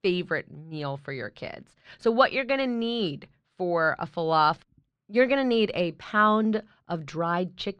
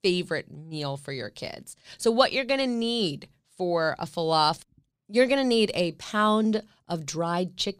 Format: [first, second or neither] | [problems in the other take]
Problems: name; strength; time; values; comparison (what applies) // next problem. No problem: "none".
second | muffled; slightly; fading above 2.5 kHz